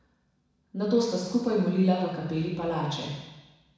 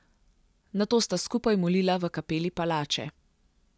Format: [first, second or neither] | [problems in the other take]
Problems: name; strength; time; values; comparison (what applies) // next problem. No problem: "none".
second | room echo; dies away in 1.1 s